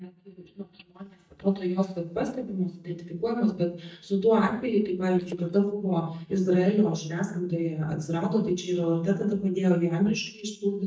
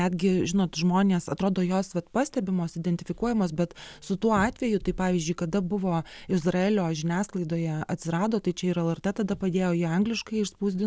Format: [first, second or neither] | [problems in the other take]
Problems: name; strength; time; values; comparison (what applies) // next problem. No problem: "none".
second | noise reduction (neural mask model DeepFilterNet 3)